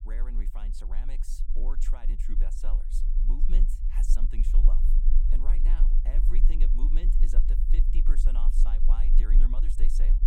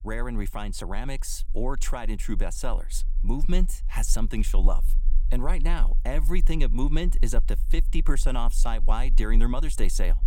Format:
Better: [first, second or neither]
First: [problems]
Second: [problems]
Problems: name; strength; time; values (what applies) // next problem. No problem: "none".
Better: second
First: low rumble; loud; throughout; 5 dB below the speech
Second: low rumble; faint; throughout; 20 dB below the speech